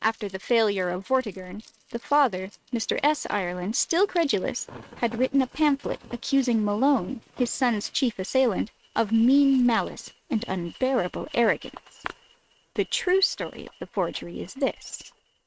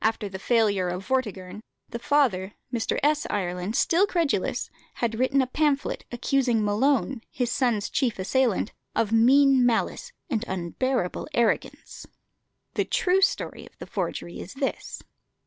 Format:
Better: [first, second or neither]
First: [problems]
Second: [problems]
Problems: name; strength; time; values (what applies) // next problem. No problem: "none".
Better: second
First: noise reduction (neural mask model RNNoise)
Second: none